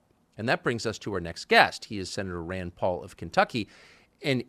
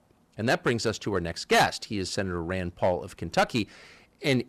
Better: first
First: none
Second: distortion; heavy; 3% of the sound clipped

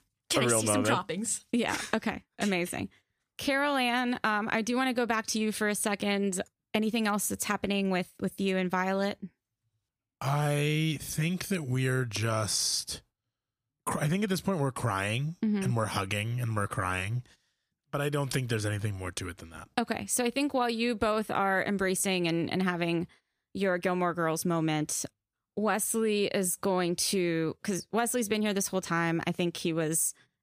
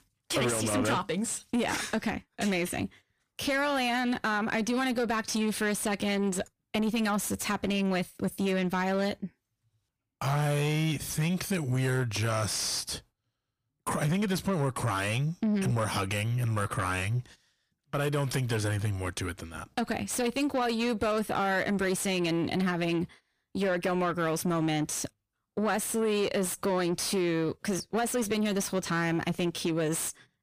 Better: first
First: none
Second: distortion; slight; 10 dB below the speech

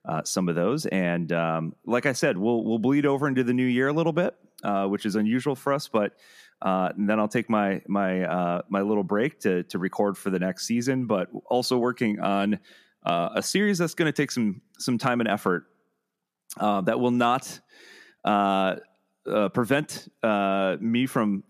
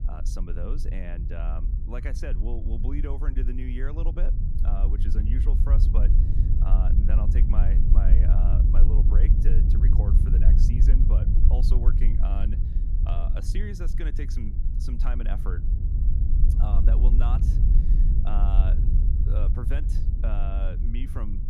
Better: first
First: none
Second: low rumble; loud; throughout; 2 dB below the speech

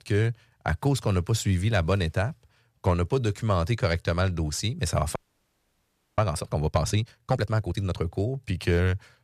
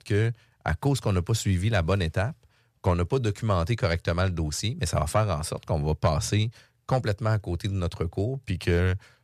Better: second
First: audio freezing; at 5 s for 1 s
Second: none

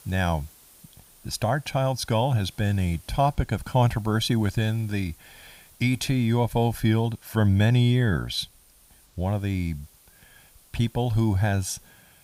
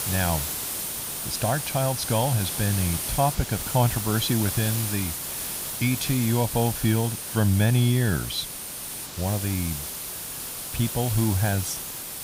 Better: first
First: hiss; faint; throughout; 25 dB below the speech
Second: hiss; loud; throughout; 4 dB below the speech

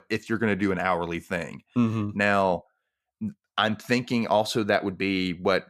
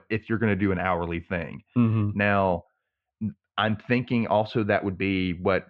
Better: first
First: none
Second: muffled; slightly; fading above 3 kHz

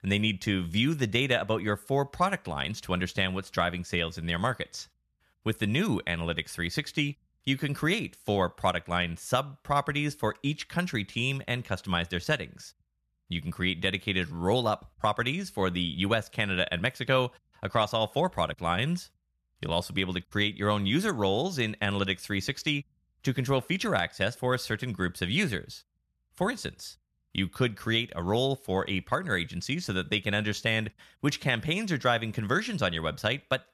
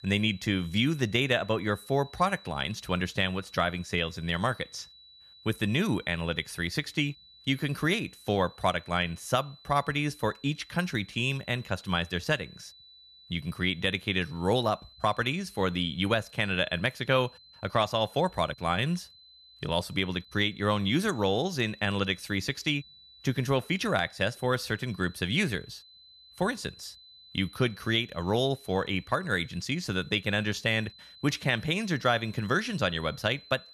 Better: first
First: none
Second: high-pitched whine; faint; throughout; 4 kHz, 20 dB below the speech

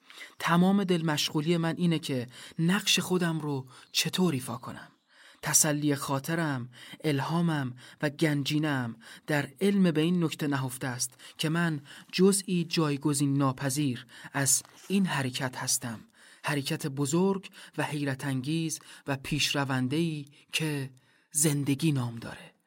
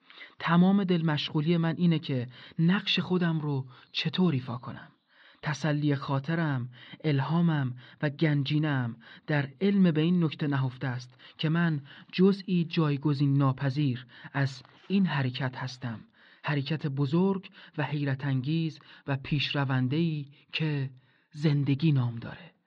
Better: first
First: none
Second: muffled; slightly; fading above 4 kHz

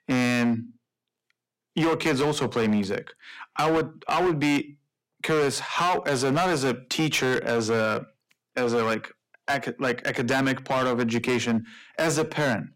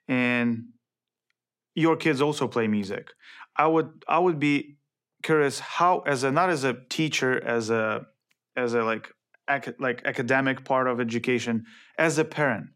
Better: second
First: distortion; heavy; 15% of the sound clipped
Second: none

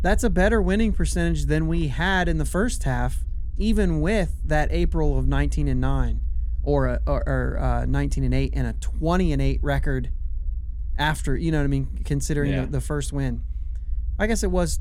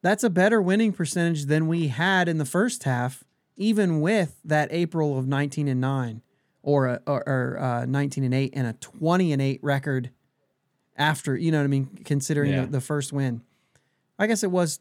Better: second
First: low rumble; faint; throughout; 25 dB below the speech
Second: none

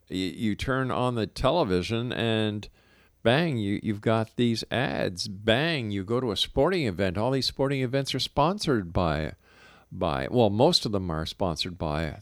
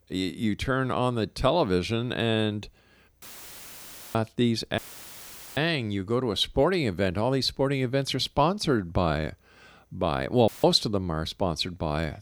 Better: first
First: none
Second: audio cutting out; filled with static; at 3 s for 1 s, at 5 s for 1 s and at 10 s

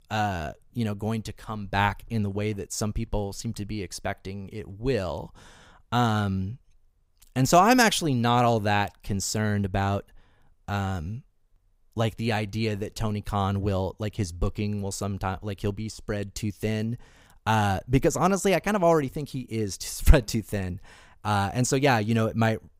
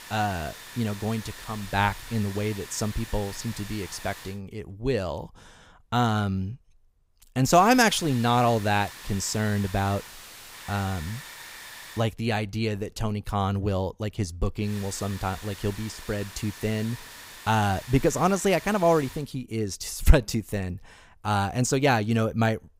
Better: first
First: none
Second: hiss; noticeable; until 4.5 s, from 7.5 to 12 s and from 15 to 19 s; 15 dB below the speech

